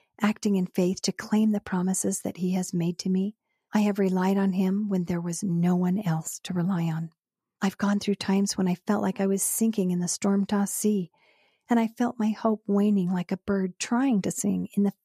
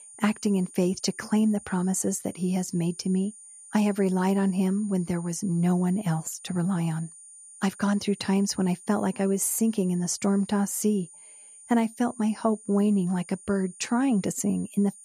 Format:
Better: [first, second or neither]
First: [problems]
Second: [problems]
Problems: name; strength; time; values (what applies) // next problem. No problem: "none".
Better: first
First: none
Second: high-pitched whine; noticeable; throughout; 9 kHz, 20 dB below the speech